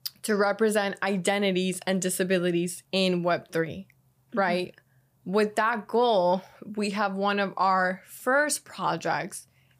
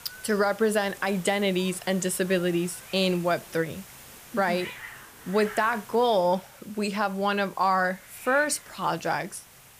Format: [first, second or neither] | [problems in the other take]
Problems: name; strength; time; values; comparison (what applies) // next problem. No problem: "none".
first | hiss; noticeable; throughout; 20 dB below the speech